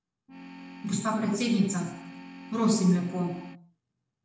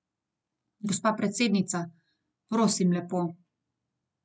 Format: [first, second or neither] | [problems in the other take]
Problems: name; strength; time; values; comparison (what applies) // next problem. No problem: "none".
second | background sound (Organ); 15 dB below the speech // room echo; dies away in 0.7 s